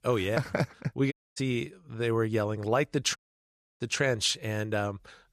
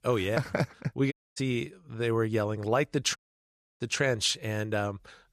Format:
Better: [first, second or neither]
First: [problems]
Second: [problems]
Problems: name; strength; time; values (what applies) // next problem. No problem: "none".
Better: neither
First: audio cutting out; at 1 s and at 3 s for 0.5 s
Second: audio cutting out; at 1 s and at 3 s for 0.5 s